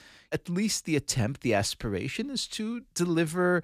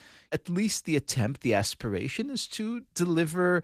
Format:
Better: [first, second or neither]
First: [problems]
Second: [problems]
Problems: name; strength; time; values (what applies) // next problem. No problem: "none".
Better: first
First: none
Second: garbled, watery; slightly; nothing above 14.5 kHz